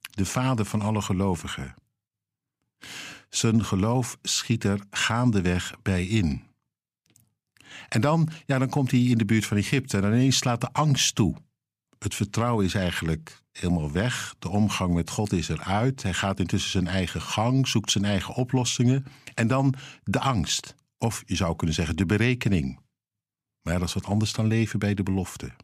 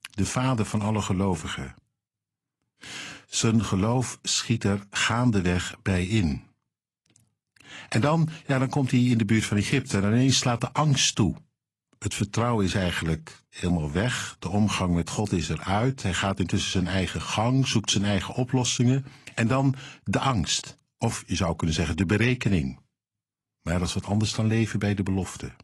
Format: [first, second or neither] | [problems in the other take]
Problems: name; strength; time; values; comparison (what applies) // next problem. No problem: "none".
first | garbled, watery; slightly; nothing above 11 kHz